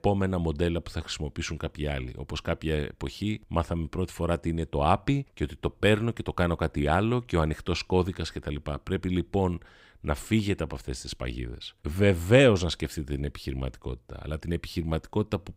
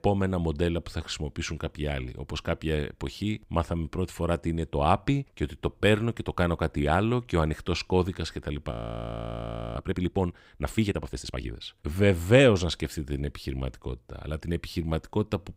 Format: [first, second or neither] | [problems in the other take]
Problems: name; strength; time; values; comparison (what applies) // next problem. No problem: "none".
first | audio freezing; at 8.5 s for 1 s